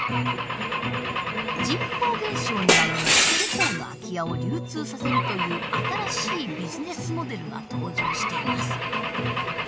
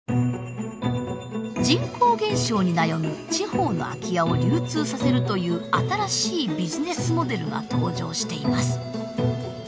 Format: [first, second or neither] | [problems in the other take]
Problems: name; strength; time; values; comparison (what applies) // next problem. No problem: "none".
second | background sound (Glass / Engine / Car); 3 dB above the speech